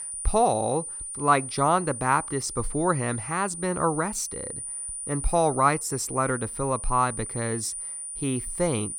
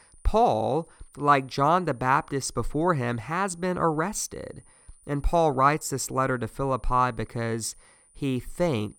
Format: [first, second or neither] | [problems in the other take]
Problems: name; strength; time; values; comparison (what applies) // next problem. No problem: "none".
second | high-pitched whine; loud; throughout; 9.5 kHz, 7 dB below the speech; faint in the second